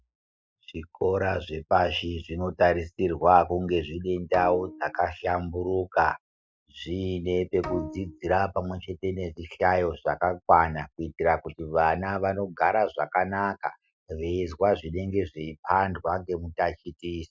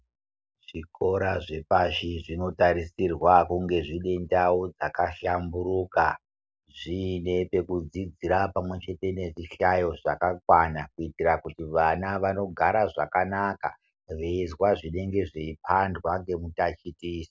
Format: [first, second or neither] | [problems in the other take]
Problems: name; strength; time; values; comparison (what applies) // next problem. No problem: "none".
second | noise reduction (classical method Wiener filter)